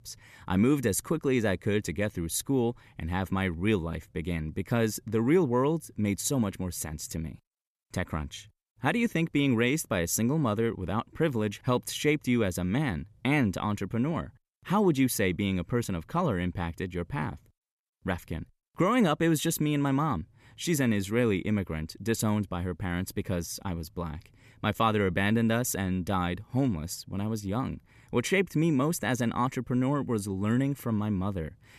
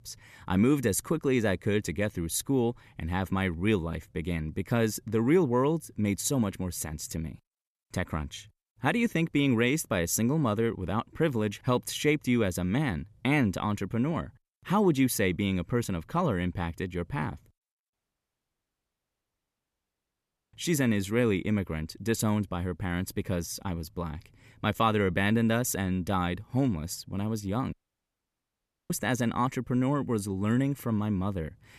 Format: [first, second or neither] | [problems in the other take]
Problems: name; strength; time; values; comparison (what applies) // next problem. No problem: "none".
first | audio cutting out; at 18 s for 2.5 s and at 28 s for 1 s